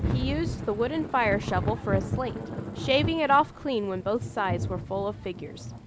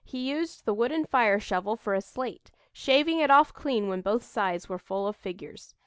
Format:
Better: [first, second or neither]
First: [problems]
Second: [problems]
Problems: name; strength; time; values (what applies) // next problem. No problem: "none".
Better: second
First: background sound (Thunder / Rain); 4 dB below the speech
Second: none